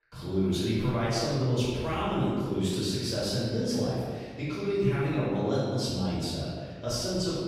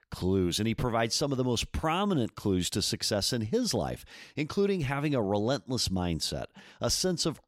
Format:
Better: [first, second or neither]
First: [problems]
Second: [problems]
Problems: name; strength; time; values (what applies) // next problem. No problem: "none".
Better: second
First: room echo; strong; dies away in 1.6 s // off-mic speech; far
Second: none